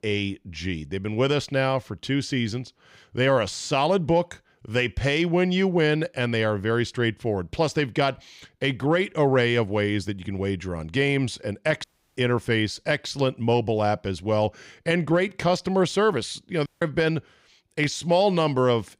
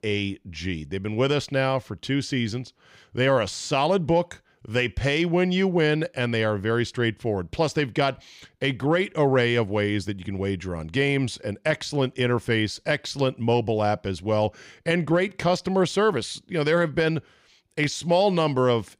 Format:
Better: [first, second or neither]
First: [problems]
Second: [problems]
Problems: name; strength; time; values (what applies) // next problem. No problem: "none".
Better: second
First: audio cutting out; at 12 s and at 17 s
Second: none